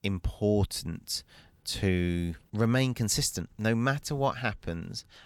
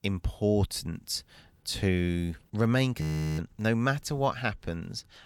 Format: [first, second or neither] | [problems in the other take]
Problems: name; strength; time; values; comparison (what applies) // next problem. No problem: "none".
first | audio freezing; at 3 s